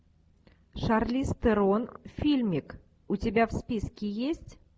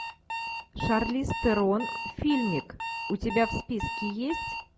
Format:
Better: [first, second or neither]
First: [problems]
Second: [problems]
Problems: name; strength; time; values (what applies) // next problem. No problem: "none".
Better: first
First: none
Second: background sound (Alarm); 7 dB below the speech